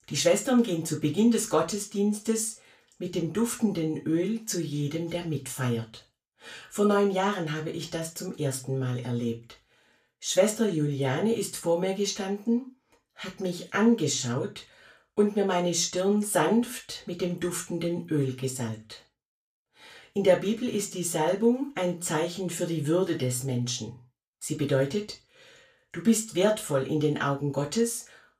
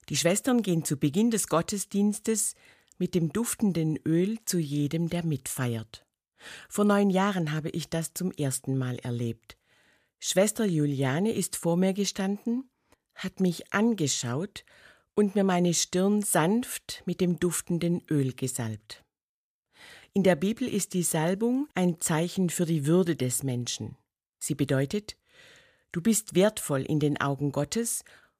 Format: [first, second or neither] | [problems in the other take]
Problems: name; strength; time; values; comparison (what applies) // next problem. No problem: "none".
second | room echo; slight; dies away in 0.2 s // off-mic speech; far